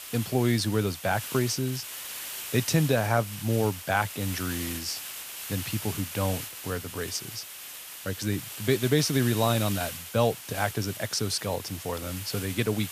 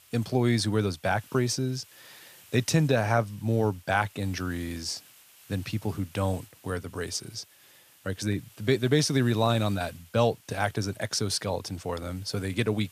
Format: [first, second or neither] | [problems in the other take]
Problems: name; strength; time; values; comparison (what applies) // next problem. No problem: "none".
second | hiss; loud; throughout; 8 dB below the speech; faint in the second